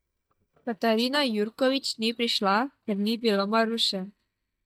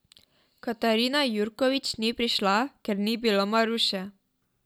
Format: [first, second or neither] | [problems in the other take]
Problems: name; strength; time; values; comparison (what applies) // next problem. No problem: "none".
second | noise reduction (neural mask model DeepFilterNet 3)